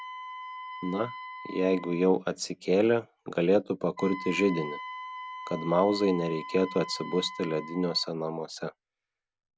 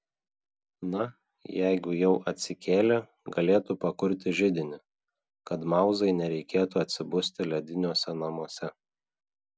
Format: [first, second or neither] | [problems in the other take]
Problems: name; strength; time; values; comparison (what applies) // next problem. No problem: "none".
second | background sound (Wind instrument, woodwind instrument); 13 dB below the speech